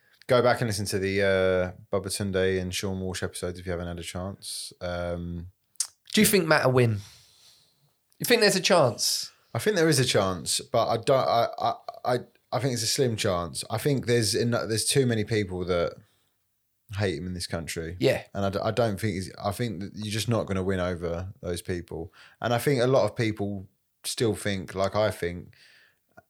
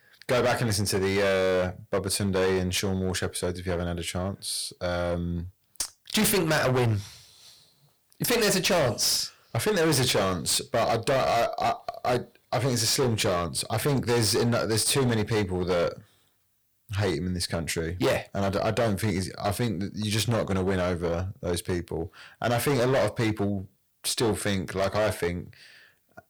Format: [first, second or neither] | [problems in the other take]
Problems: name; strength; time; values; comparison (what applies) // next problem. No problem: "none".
first | distortion; heavy; 15% of the sound clipped